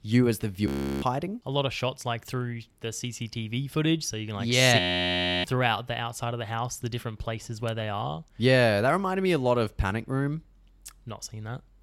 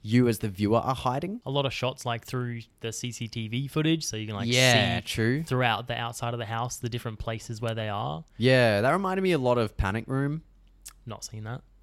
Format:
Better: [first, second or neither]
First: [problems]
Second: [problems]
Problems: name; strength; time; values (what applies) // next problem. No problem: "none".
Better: second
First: audio freezing; at 0.5 s and at 5 s for 0.5 s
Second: none